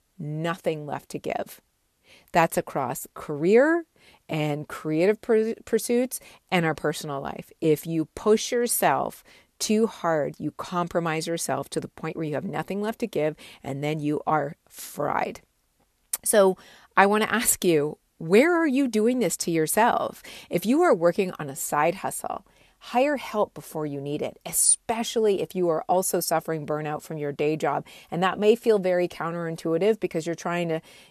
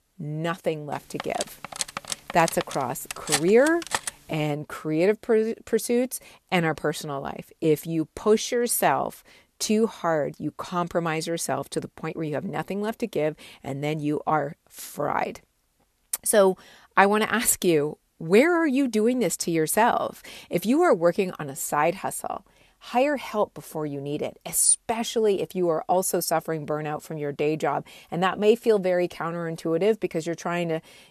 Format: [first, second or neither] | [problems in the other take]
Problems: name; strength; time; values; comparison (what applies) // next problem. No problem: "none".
first | clattering dishes; noticeable; from 1 to 4 s; peak 1 dB below the speech